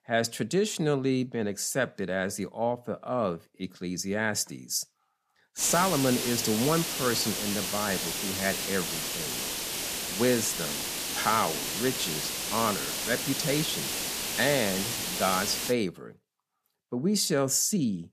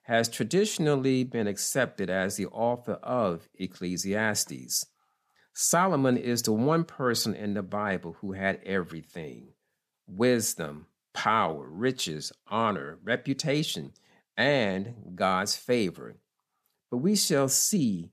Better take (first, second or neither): second